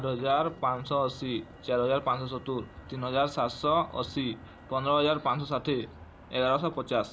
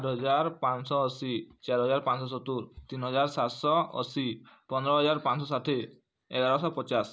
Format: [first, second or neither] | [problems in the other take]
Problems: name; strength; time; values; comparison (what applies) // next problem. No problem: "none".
second | background sound (Motor vehicle (road)); 19 dB below the speech